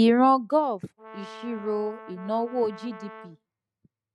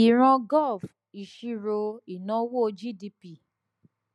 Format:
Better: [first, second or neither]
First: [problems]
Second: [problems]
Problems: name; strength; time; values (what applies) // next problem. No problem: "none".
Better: second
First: noise reduction (neural mask model RNNoise)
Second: none